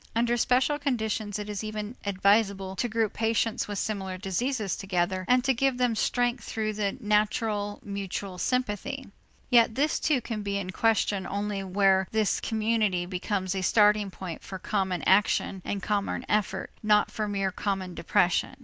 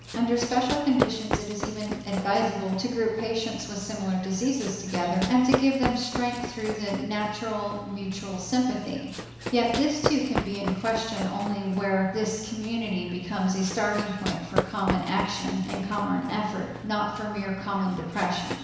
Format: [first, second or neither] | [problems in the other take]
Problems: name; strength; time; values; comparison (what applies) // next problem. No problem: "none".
first | background sound (Run); 7 dB below the speech // room echo; dies away in 1 s